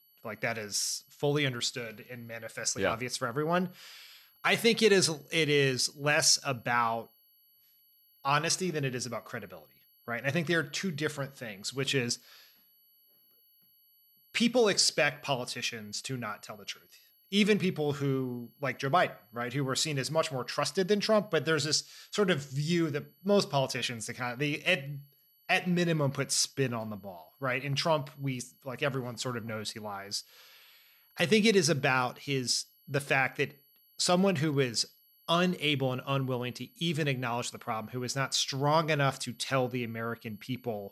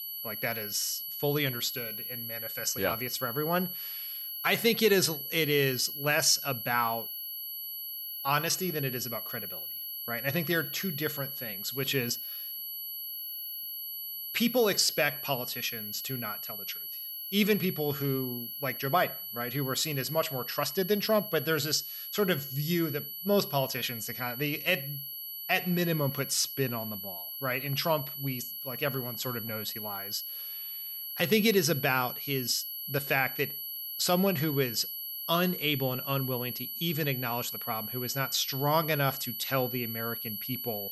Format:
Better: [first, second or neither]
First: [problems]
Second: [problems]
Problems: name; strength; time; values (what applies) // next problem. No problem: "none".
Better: first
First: high-pitched whine; faint; throughout; 12 kHz, 30 dB below the speech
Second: high-pitched whine; loud; throughout; 12 kHz, 6 dB below the speech